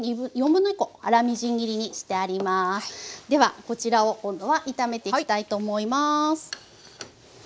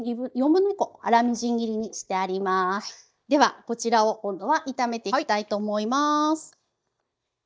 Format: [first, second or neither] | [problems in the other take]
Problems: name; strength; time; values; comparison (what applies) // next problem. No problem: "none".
first | noise reduction (neural mask model DeepFilterNet 3)